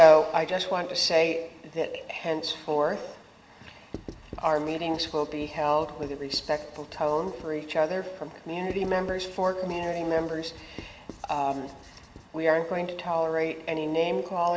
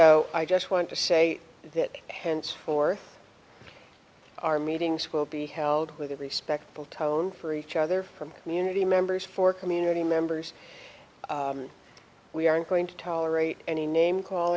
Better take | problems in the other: second | background sound (Writing); 19 dB below the speech // room echo; dies away in 1 s

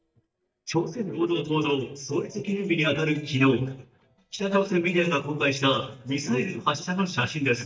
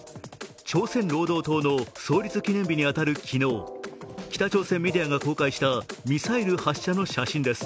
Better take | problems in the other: second | noise reduction (neural mask model DeepFilterNet 3)

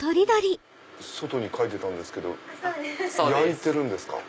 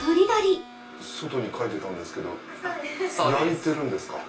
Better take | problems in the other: first | background sound (Harmonica); 18 dB below the speech // room echo; dies away in 0.3 s

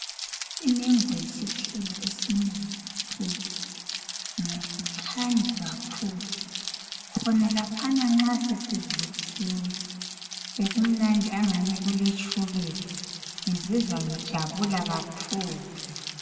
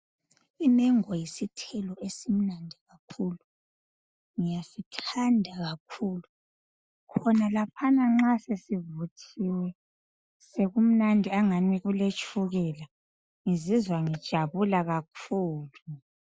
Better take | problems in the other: second | background sound (Rain); 8 dB below the speech // room echo; dies away in 1.9 s

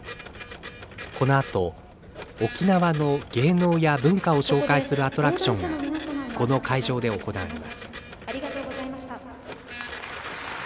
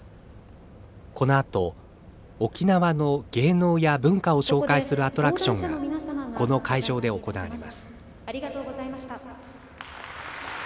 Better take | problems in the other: second | background sound (Printer); 15 dB below the speech

